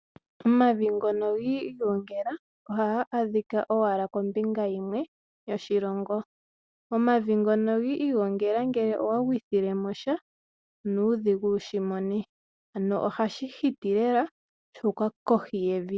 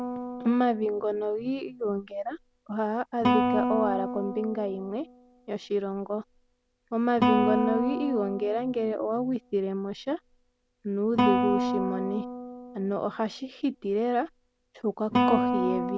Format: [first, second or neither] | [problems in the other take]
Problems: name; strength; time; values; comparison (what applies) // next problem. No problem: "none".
first | background sound (Guitar); 2 dB below the speech